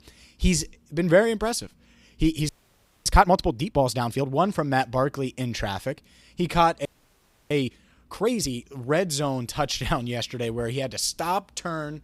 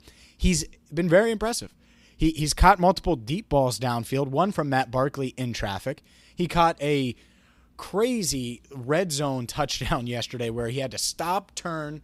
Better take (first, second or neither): second